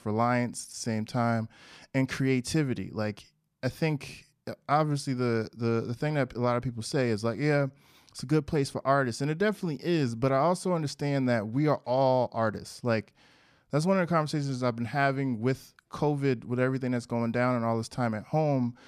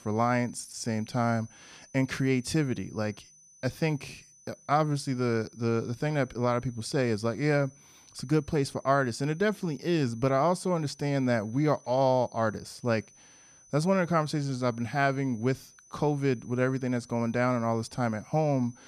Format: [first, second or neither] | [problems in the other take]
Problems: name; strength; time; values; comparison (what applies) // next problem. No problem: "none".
first | high-pitched whine; faint; throughout; 6 kHz, 25 dB below the speech